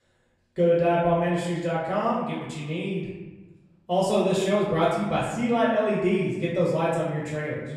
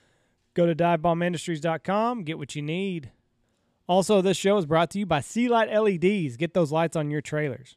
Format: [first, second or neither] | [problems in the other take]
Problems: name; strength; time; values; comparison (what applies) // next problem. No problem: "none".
second | room echo; noticeable; dies away in 1 s // off-mic speech; far